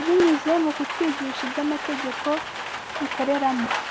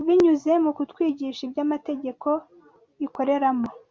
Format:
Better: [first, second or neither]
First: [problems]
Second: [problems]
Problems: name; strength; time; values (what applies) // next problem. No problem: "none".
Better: second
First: background sound (Rain); 6 dB below the speech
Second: none